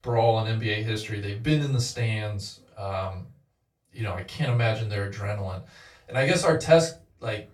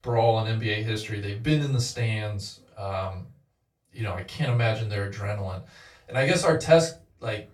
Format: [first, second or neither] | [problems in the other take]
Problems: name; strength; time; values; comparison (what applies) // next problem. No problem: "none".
neither | off-mic speech; far; the same in both // room echo; very slight; dies away in 0.2 s; the same in both